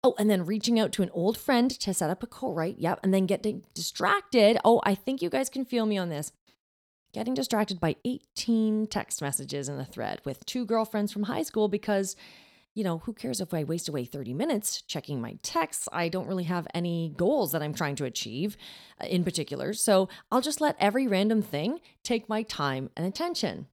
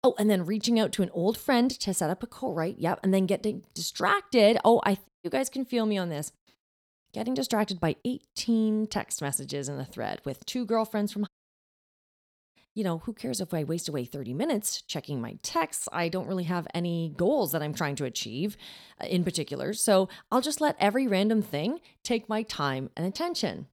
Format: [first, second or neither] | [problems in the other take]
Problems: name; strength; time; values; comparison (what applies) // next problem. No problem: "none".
first | audio cutting out; at 5 s and at 11 s for 1.5 s